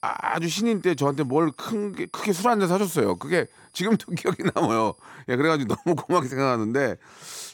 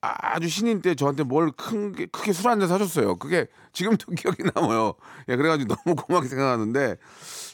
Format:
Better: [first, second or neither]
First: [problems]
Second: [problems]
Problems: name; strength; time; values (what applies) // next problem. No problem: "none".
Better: second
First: high-pitched whine; faint; until 5 s; 10.5 kHz, 30 dB below the speech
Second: none